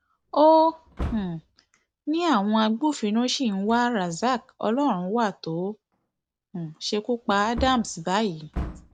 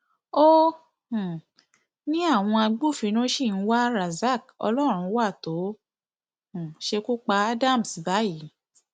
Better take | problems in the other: second | background sound (Wood); 16 dB below the speech

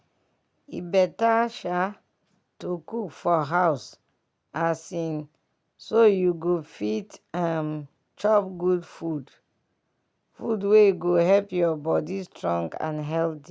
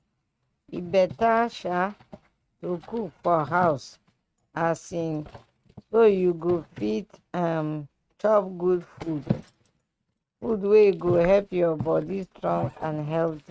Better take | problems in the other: first | noise reduction (neural mask model RNNoise)

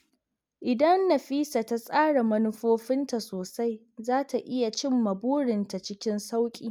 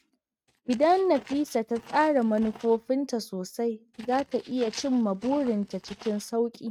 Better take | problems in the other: first | noise reduction (neural mask model RNNoise)

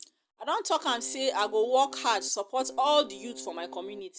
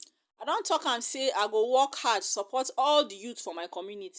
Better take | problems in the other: second | background sound (Keyboard (musical)); 17 dB below the speech

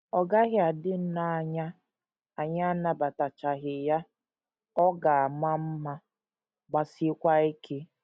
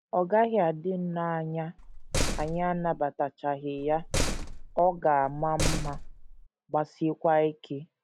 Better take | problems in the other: first | background sound (Slam); 3 dB below the speech

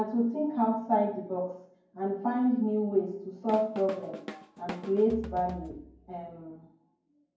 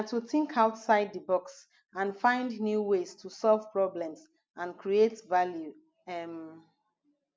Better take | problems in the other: second | background sound (Drum kit); 14 dB below the speech // room echo; dies away in 0.9 s

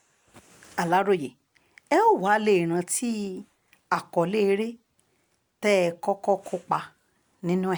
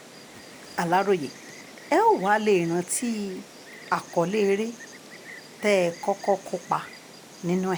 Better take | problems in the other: first | background sound (Insect); 18 dB below the speech

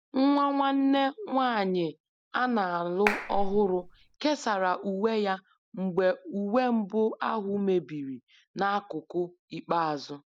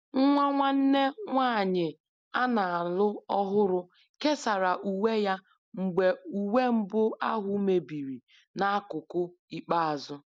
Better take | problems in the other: second | background sound (Clapping); 3 dB below the speech

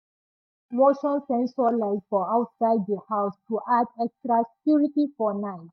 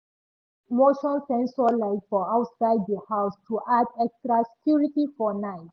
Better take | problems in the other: second | noise reduction (neural mask model DeepFilterNet 3)

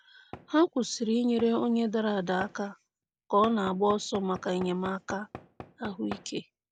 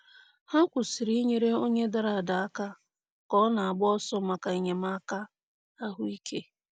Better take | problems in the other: second | background sound (Knock / Wood); 17 dB below the speech

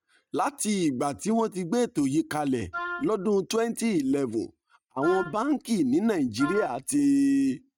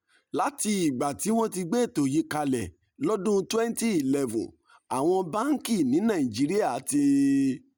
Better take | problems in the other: second | noise reduction (neural mask model RNNoise)

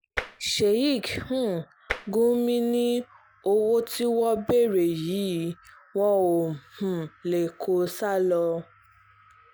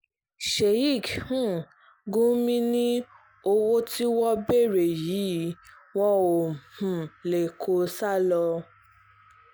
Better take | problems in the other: second | background sound (Tap); 9 dB below the speech

